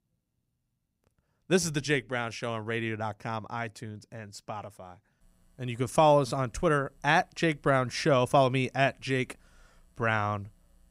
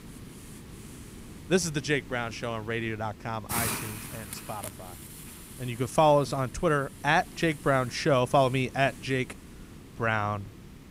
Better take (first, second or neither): first